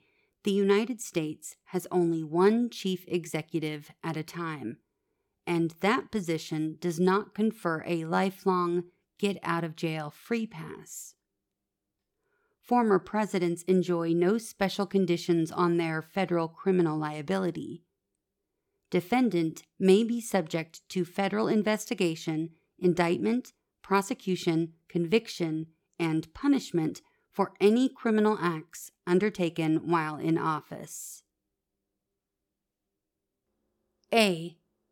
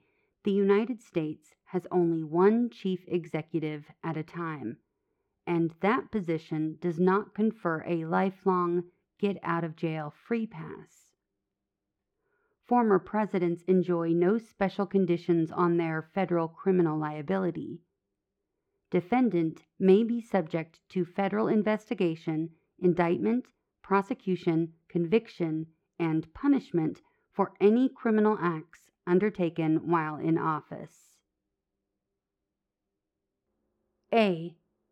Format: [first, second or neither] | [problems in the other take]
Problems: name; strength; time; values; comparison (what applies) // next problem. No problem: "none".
first | muffled; very; fading above 4 kHz